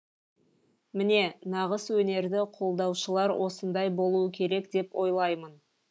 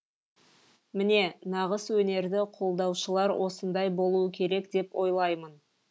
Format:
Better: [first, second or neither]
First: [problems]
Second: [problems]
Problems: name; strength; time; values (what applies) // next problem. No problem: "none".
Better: second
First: noise reduction (neural mask model Resemble Enhance denoiser)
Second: none